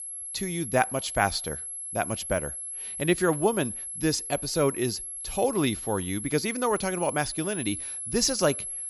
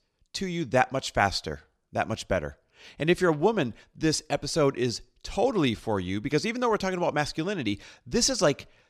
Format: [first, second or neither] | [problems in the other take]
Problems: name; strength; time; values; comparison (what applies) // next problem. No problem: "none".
second | high-pitched whine; loud; throughout; 11 kHz, 6 dB below the speech